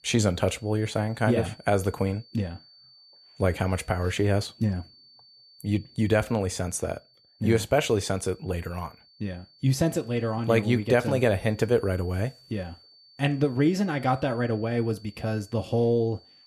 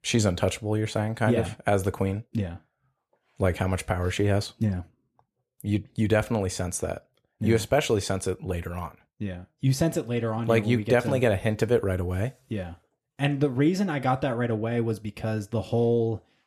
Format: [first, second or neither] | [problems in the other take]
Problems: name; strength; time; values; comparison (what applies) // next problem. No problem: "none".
second | high-pitched whine; faint; throughout; 4.5 kHz, 25 dB below the speech